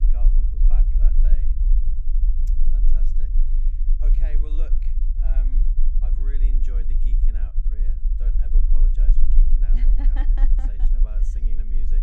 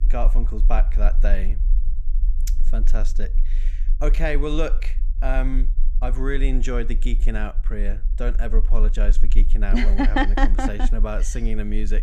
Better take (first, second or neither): second